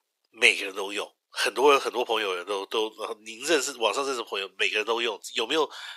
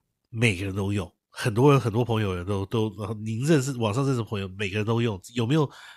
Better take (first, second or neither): second